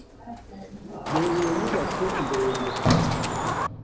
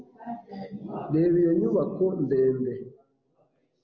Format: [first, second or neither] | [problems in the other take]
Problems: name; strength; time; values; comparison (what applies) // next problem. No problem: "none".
second | background sound (Sliding door + Chicken, rooster); 2 dB above the speech